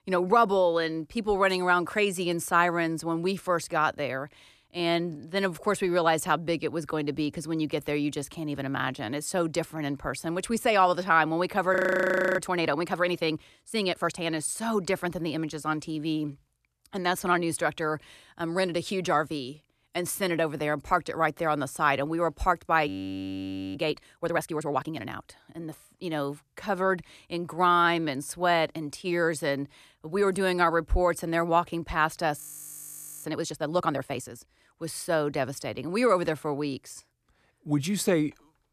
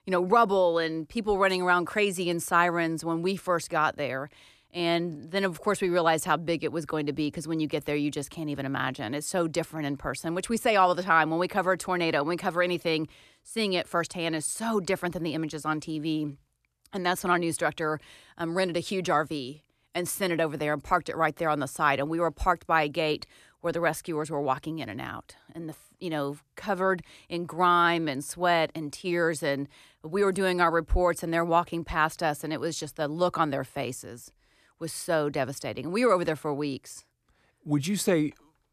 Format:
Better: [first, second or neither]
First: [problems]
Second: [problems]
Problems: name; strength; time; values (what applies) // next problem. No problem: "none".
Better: second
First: audio freezing; at 12 s for 0.5 s, at 23 s for 1 s and at 32 s for 1 s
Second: none